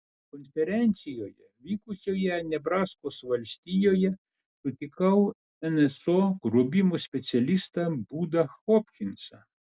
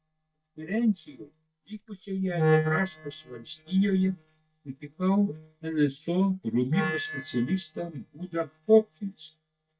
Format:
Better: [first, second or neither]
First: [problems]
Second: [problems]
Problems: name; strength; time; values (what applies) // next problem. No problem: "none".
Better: first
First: none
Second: noise reduction (neural mask model DeepFilterNet 3)